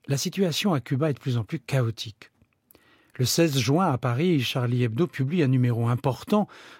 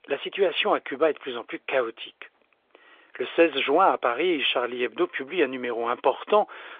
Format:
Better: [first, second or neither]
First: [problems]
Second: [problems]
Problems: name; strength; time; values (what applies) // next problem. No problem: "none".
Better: first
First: none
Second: phone-call audio; nothing above 3.5 kHz